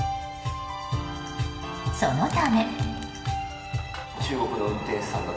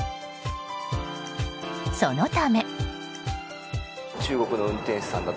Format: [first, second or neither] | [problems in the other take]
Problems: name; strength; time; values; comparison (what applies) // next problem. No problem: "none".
second | background sound (Crushing); 18 dB below the speech // room echo; dies away in 1.4 s